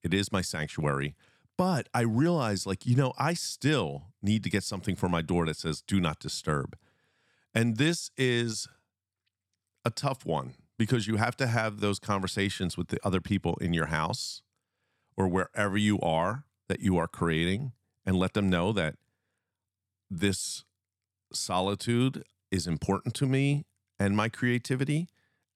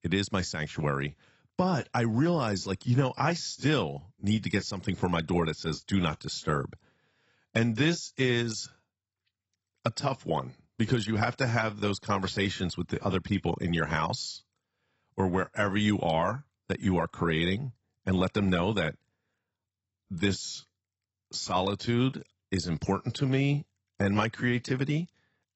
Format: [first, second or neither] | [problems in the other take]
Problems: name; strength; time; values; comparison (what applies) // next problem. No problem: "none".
first | garbled, watery; badly; nothing above 8 kHz